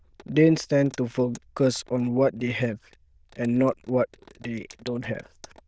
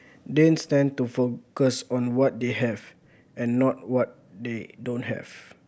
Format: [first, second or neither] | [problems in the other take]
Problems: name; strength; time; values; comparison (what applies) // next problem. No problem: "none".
second | noise reduction (neural diffusion model UNIVERSE++)